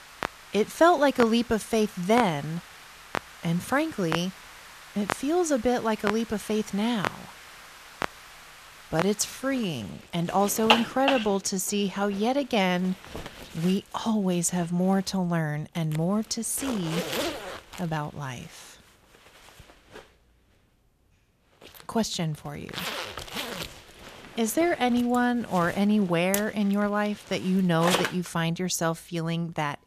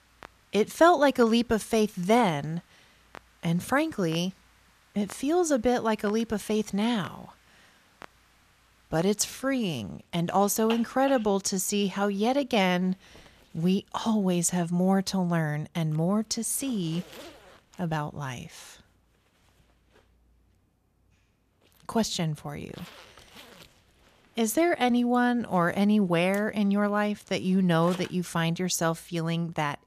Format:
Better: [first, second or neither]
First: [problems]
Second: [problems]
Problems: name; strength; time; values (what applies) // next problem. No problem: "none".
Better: second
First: household noises; loud; throughout; 8 dB below the speech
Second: household noises; faint; throughout; 25 dB below the speech